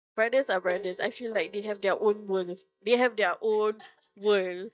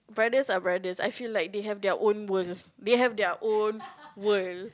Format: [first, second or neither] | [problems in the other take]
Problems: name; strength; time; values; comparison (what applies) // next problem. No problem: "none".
second | noise reduction (neural mask model DeepFilterNet 3)